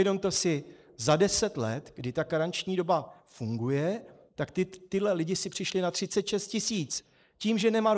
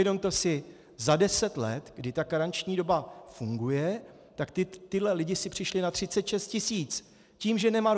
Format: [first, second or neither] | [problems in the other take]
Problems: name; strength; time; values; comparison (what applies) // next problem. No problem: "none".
second | noise reduction (neural mask model Resemble Enhance denoiser)